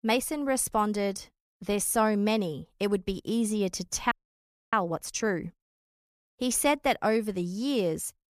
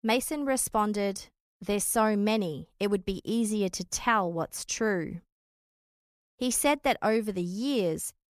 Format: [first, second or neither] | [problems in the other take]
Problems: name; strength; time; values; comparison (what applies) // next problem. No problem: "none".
second | audio freezing; at 4 s for 0.5 s